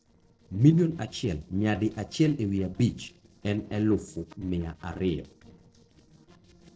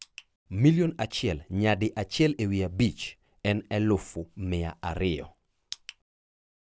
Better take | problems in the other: second | noise reduction (neural separator model SepFormer DNS4)

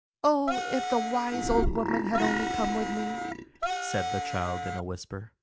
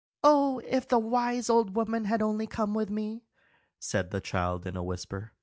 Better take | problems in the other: second | background sound (Wind instrument, woodwind instrument + Burping, eructation); as loud as the speech

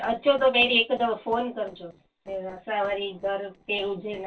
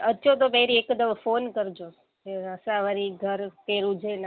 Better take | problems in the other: second | noise reduction (neural separator model SepFormer DNS4)

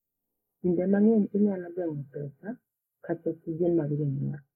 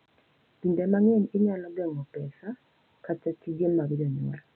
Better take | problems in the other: second | noise reduction (neural mask model Resemble Enhance denoiser)

